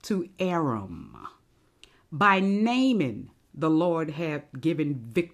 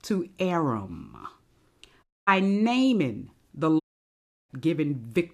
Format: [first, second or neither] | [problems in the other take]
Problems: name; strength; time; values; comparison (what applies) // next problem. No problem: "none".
first | audio cutting out; at 2 s and at 4 s for 0.5 s